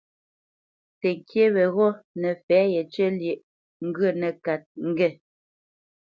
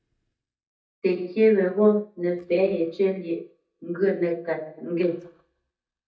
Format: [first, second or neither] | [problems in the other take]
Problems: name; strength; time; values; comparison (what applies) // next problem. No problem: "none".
first | noise reduction (neural mask model DeepFilterNet 3)